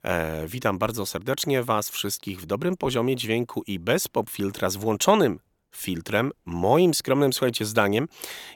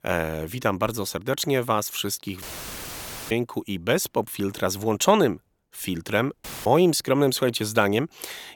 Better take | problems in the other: first | audio cutting out; filled with static; at 2.5 s for 1 s and at 6.5 s

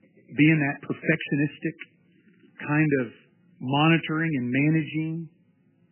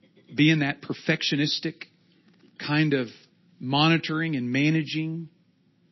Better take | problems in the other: second | garbled, watery; badly; nothing above 3 kHz; slightly in the second

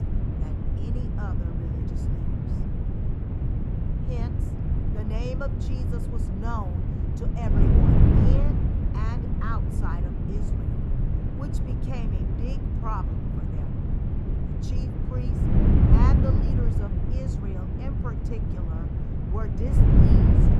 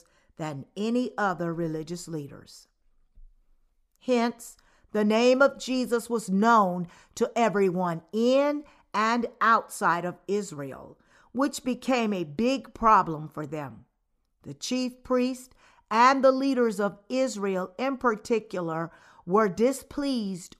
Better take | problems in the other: second | wind noise on the microphone; heavy; 3 dB above the speech

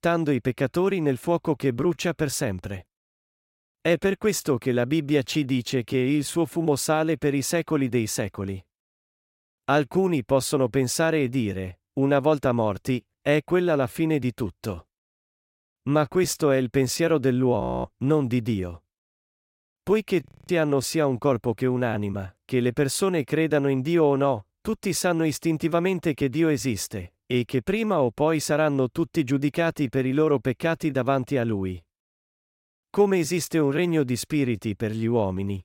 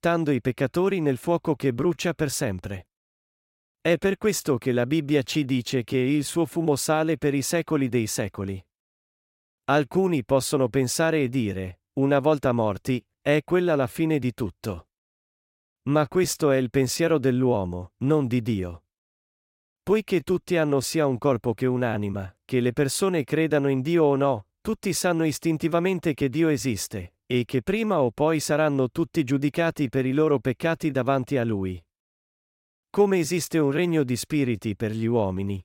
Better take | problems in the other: second | audio freezing; at 18 s and at 20 s

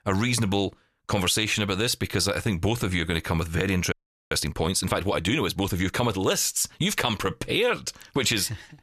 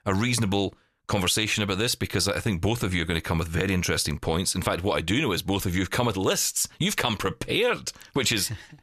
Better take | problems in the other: second | audio freezing; at 4 s

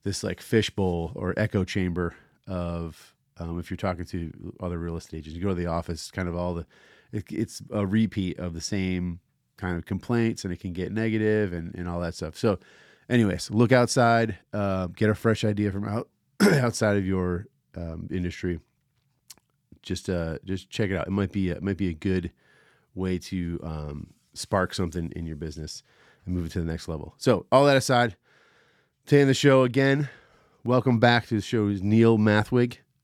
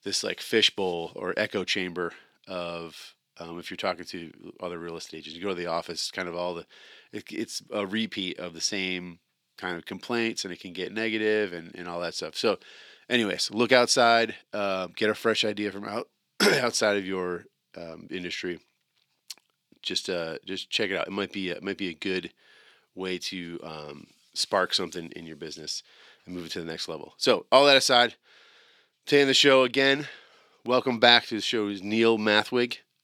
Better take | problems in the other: first | thin; somewhat; fading below 350 Hz

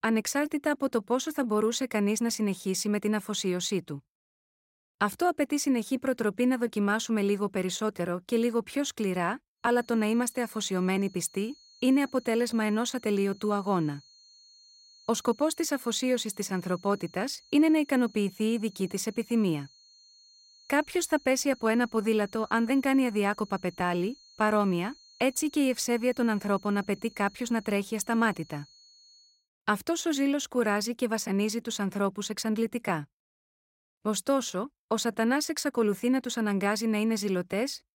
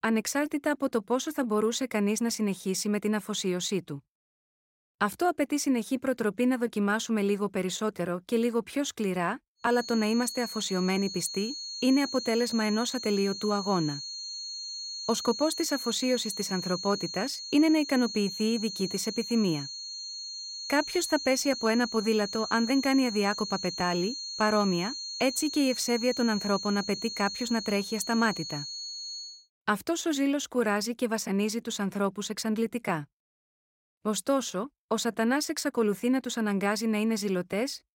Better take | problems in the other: first | high-pitched whine; loud; from 9.5 to 29 s; 4.5 kHz, 7 dB below the speech; faint in the first

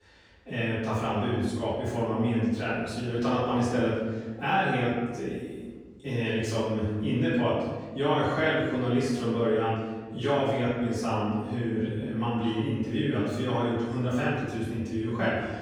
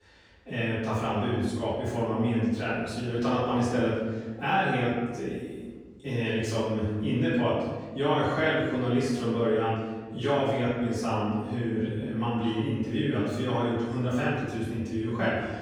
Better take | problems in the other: neither | off-mic speech; far; the same in both // room echo; strong; dies away in 1.3 s; the same in both

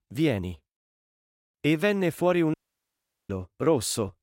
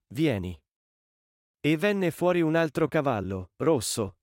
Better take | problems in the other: second | audio cutting out; at 2.5 s for 1 s

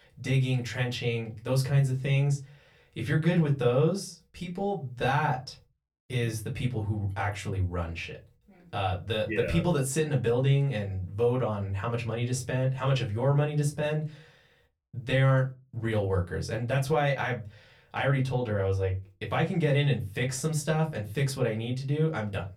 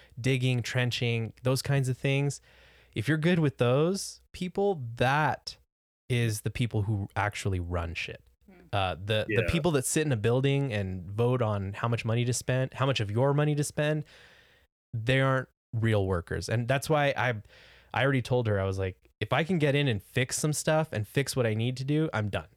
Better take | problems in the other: second | off-mic speech; far // room echo; very slight; dies away in 0.2 s

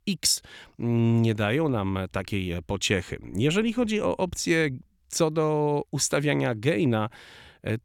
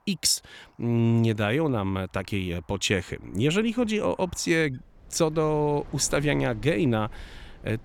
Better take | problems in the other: first | wind in the background; faint; throughout; 25 dB below the speech

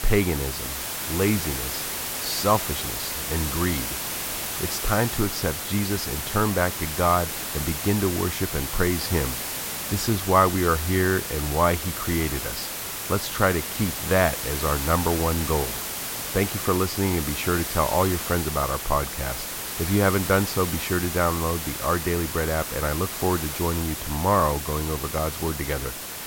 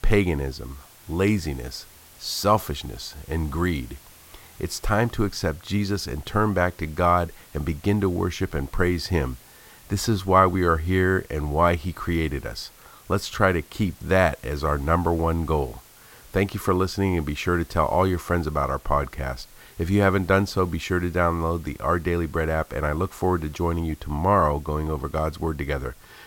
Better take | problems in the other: second | hiss; loud; throughout; 3 dB below the speech; faint in the second

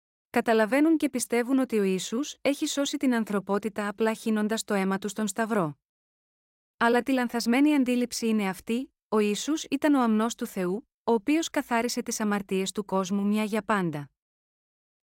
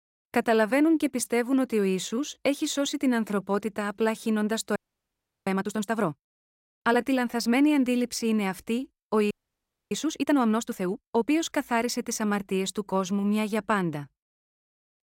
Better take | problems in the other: first | audio freezing; at 5 s for 0.5 s and at 9.5 s for 0.5 s

